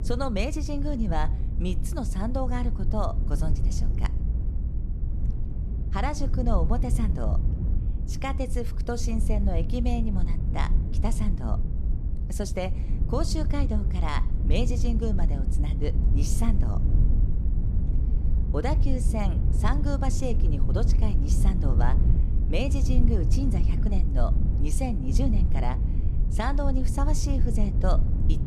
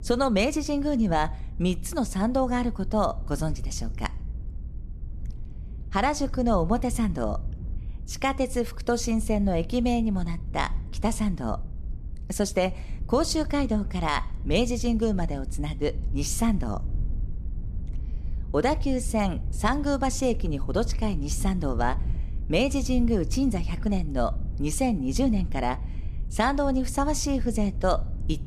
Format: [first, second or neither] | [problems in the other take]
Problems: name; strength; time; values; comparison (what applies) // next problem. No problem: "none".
second | low rumble; loud; throughout; 8 dB below the speech; faint in the second